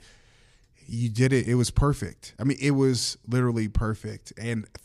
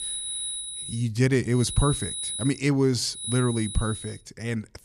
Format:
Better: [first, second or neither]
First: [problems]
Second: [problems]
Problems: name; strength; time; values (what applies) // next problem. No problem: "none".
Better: first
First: none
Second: high-pitched whine; loud; at the start, at 1.5 s and at 3 s; 10 kHz, 6 dB below the speech